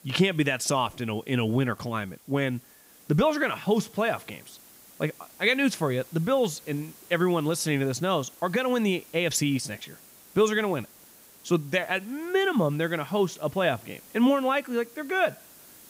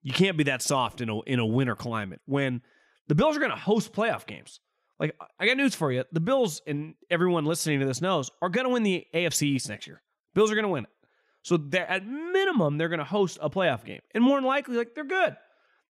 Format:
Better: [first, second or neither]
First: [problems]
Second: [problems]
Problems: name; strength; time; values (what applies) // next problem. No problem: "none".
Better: second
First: hiss; faint; throughout; 25 dB below the speech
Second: none